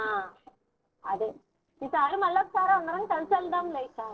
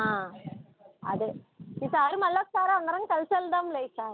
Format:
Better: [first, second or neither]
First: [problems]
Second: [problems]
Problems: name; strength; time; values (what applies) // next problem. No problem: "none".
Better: second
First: noise reduction (neural separator model SepFormer DNS4)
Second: none